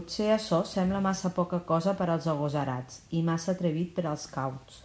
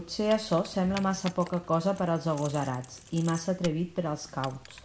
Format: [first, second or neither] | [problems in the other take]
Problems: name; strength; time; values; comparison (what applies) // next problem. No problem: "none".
first | background sound (Keys jangling); 19 dB below the speech